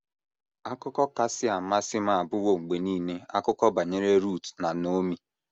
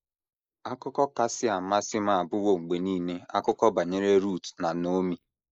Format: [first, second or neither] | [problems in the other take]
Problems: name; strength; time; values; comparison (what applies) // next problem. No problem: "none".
first | noise reduction (neural mask model Resemble Enhance denoiser)